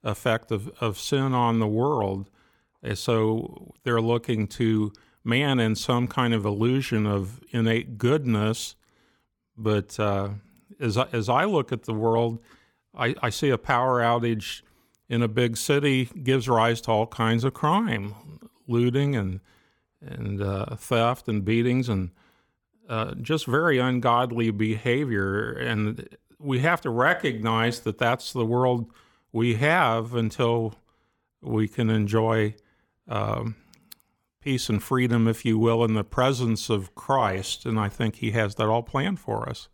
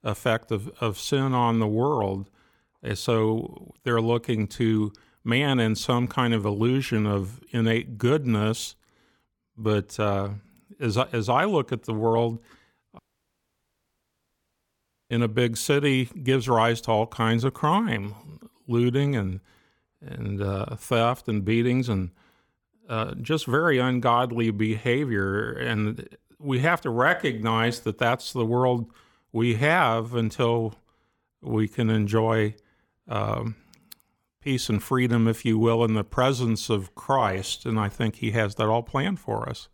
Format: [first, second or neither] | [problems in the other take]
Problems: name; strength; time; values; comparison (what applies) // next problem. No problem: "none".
first | audio cutting out; at 13 s for 2 s